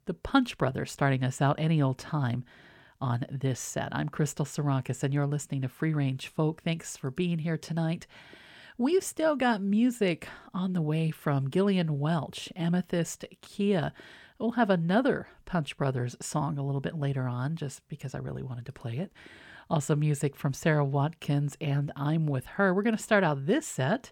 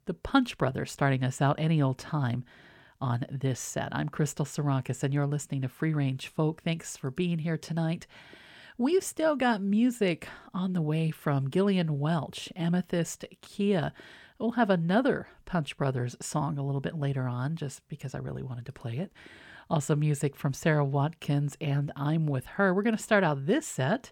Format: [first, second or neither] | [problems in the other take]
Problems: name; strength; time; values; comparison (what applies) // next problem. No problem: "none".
neither | none